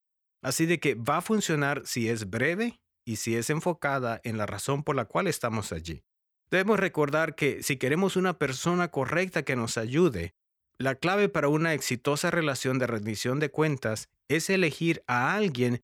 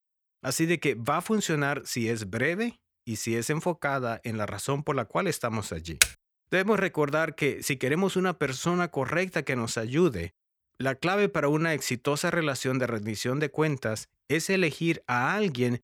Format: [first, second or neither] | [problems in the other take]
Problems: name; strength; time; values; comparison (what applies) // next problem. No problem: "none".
first | keyboard typing; loud; at 6 s; peak 4 dB above the speech